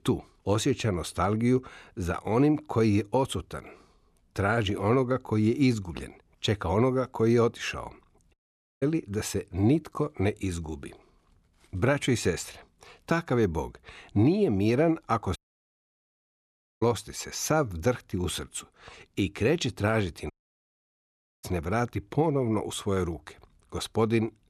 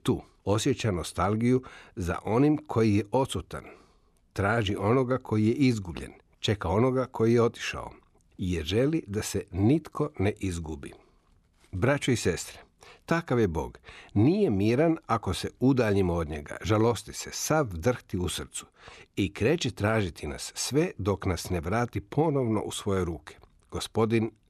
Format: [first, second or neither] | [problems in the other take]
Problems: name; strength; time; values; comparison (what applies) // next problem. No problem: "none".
second | audio cutting out; at 8.5 s, at 15 s for 1.5 s and at 20 s for 1 s